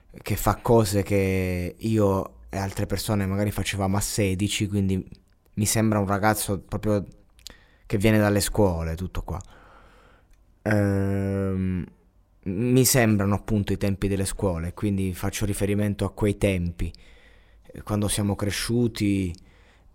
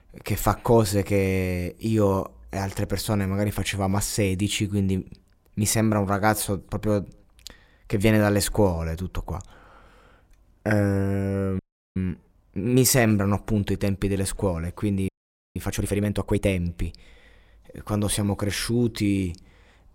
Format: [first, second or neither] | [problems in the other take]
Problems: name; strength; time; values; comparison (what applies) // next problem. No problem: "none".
first | audio freezing; at 12 s and at 15 s